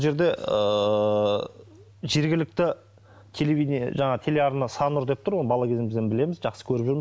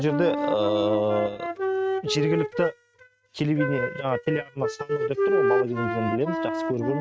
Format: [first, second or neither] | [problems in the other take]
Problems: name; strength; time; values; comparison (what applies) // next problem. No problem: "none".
first | noise reduction (neural mask model RNNoise)